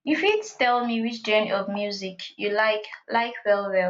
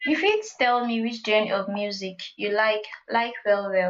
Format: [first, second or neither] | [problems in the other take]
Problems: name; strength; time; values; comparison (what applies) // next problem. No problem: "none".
first | noise reduction (neural mask model Resemble Enhance denoiser)